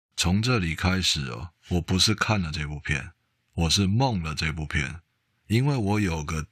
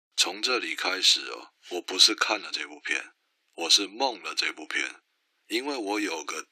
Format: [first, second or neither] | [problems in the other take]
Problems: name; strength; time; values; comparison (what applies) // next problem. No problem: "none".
first | thin; very; fading below 300 Hz